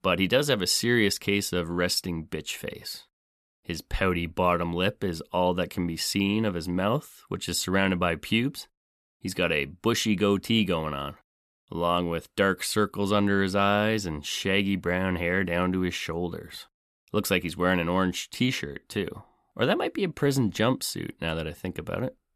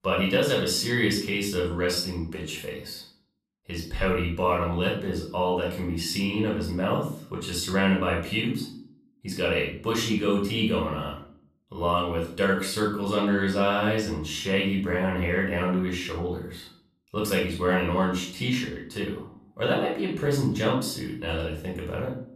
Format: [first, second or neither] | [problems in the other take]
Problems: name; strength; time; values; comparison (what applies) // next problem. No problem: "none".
first | off-mic speech; far // room echo; noticeable; dies away in 0.4 s